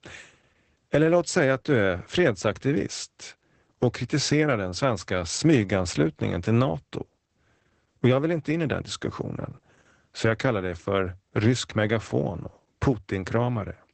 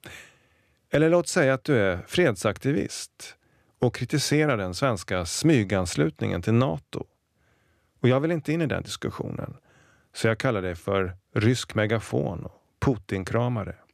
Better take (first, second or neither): second